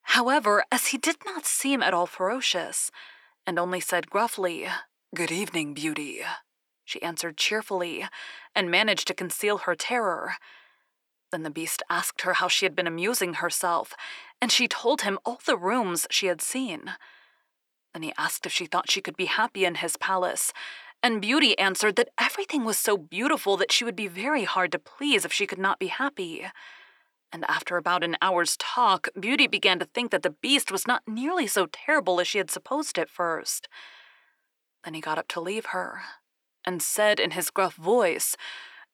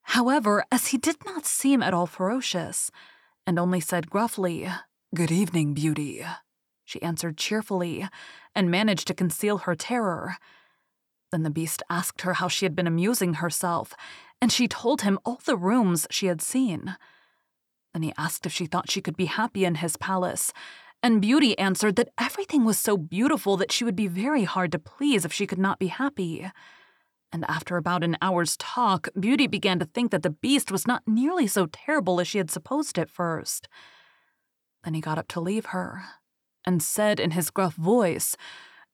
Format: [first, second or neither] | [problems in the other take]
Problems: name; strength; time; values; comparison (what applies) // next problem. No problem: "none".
second | thin; somewhat; fading below 400 Hz